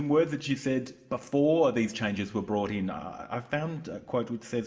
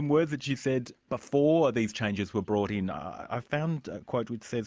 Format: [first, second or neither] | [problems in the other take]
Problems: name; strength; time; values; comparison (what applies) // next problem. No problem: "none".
second | room echo; dies away in 0.7 s